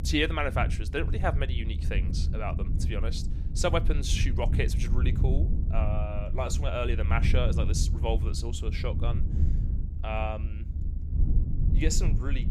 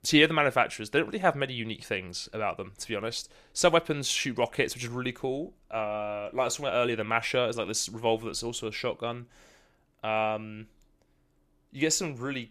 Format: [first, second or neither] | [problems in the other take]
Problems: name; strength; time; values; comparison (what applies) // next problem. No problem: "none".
second | low rumble; noticeable; throughout; 10 dB below the speech